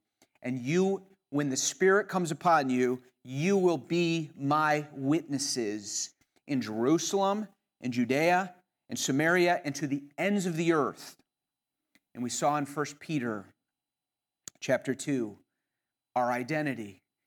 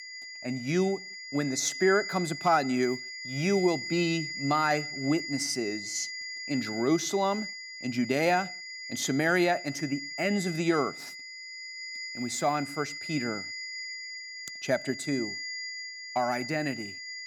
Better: first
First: none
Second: high-pitched whine; loud; throughout; 2 kHz, 8 dB below the speech

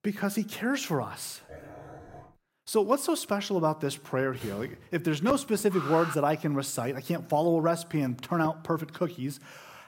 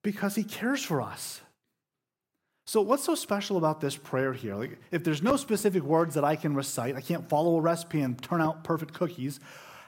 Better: second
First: dog barking; faint; at 1.5 s; peak 15 dB below the speech // door banging; faint; at 4.5 s; peak 15 dB below the speech // alarm; noticeable; at 5.5 s; peak 5 dB below the speech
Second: none

